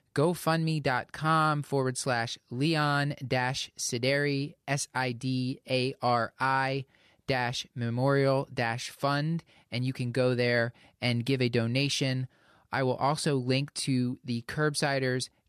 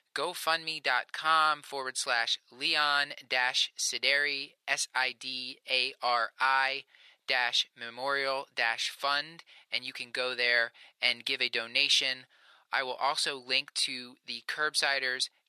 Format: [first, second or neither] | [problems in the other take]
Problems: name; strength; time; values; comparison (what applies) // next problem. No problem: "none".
first | thin; very; fading below 750 Hz